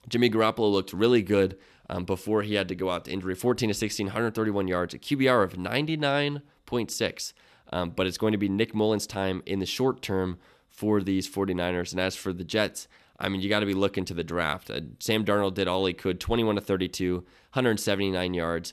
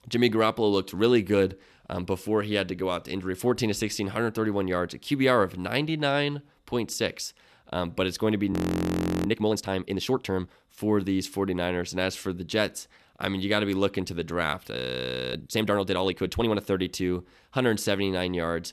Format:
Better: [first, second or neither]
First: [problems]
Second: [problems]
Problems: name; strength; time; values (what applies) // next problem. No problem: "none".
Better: first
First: none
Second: audio freezing; at 8.5 s for 0.5 s and at 15 s for 0.5 s